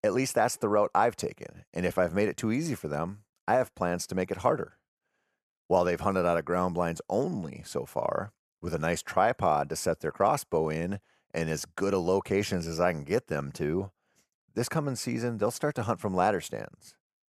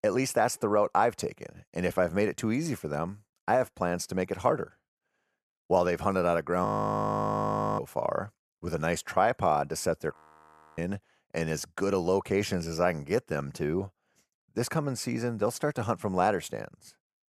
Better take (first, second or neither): first